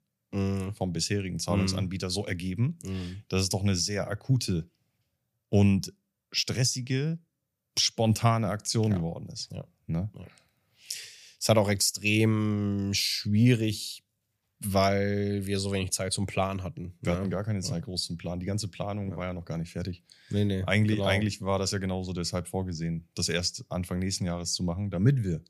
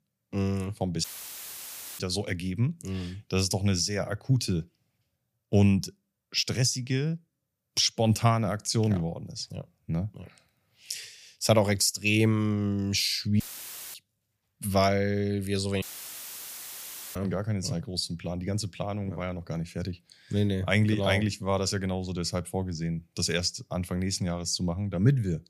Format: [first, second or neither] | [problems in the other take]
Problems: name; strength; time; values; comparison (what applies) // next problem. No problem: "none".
first | audio cutting out; filled with static; at 1 s for 1 s, at 13 s for 0.5 s and at 16 s for 1.5 s